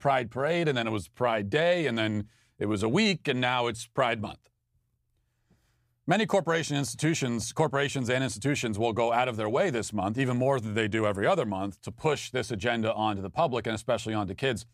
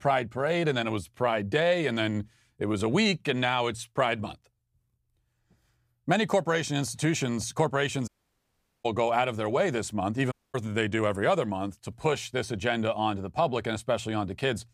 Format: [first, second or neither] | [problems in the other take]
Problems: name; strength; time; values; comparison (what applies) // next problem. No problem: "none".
first | audio cutting out; at 8 s for 1 s and at 10 s